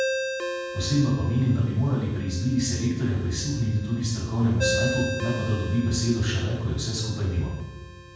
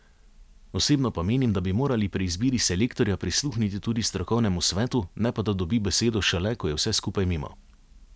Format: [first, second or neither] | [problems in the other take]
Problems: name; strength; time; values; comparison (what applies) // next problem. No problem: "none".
second | background sound (Ringtone); 9 dB below the speech // room echo; dies away in 1.2 s